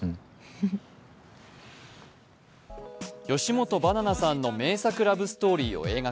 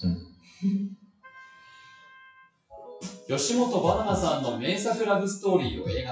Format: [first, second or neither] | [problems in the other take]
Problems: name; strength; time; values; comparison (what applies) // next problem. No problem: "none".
first | noise reduction (classical method WPE with log-MMSE)